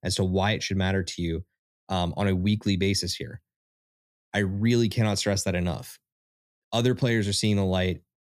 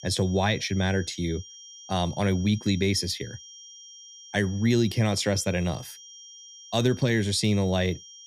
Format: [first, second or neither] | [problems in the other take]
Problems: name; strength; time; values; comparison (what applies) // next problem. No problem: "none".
first | high-pitched whine; noticeable; throughout; 3 kHz, 20 dB below the speech